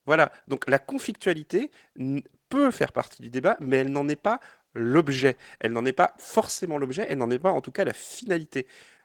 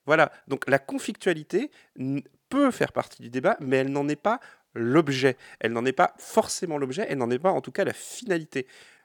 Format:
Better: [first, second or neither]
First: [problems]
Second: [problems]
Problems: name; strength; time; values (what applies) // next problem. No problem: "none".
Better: second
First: garbled, watery; slightly; nothing above 18.5 kHz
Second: none